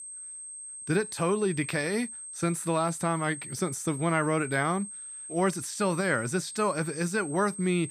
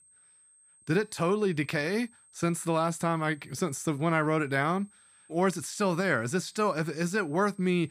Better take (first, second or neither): second